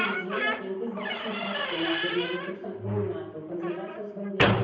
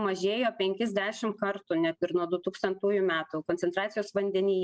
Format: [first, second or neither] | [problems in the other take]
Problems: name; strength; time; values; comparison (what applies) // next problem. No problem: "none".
second | background sound (Squeak / Slam); 2 dB above the speech // room echo; dies away in 0.9 s